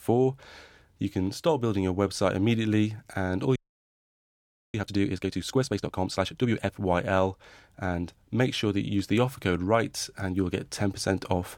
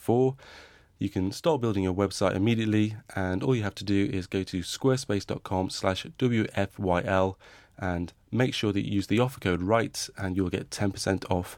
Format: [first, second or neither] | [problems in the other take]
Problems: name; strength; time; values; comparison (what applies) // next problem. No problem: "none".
second | audio freezing; at 3.5 s for 1 s